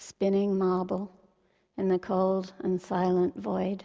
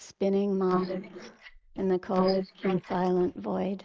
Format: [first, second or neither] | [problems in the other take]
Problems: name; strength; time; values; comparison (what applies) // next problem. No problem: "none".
first | noise reduction (neural mask model Resemble Enhance denoiser)